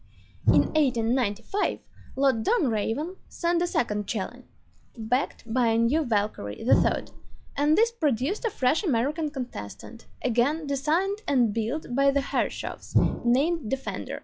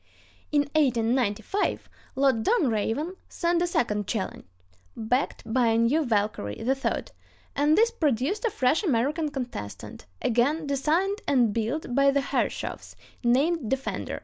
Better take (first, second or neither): second